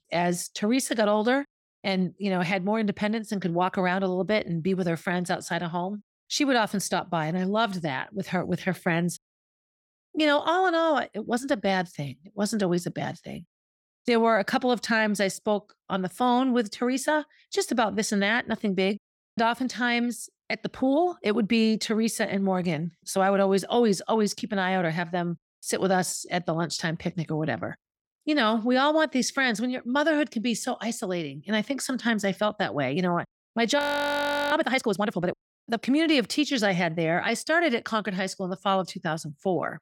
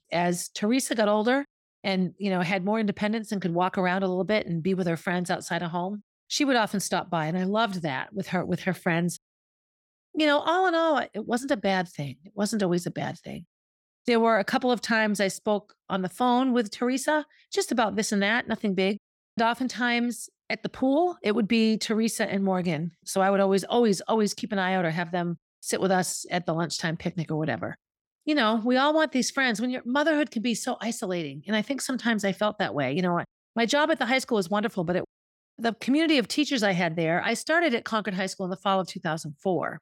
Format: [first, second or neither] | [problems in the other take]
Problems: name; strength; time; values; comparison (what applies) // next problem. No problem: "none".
second | audio freezing; at 34 s for 0.5 s